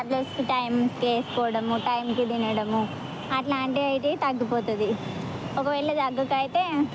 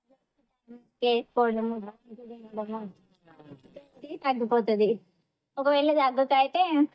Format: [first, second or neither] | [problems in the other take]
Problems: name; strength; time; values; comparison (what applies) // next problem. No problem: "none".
first | noise reduction (neural mask model DeepFilterNet 3)